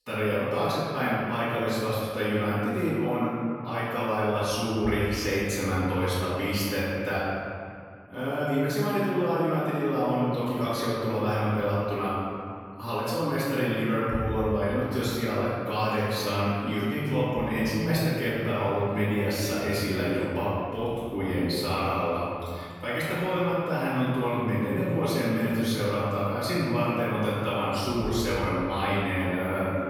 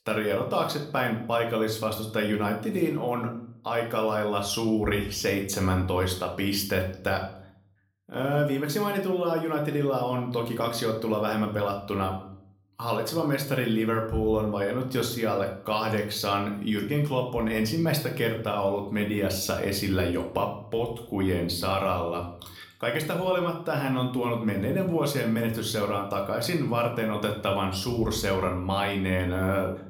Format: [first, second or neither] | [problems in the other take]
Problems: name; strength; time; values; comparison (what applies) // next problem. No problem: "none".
second | room echo; strong; dies away in 2.2 s; slight in the second // off-mic speech; far; somewhat distant in the second